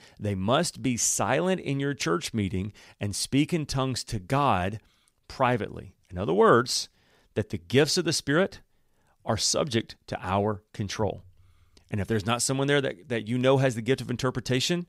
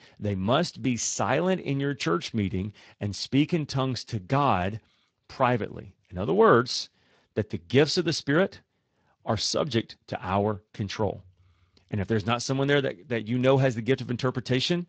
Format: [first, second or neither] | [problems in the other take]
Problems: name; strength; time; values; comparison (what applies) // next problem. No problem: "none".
first | garbled, watery; slightly; nothing above 7.5 kHz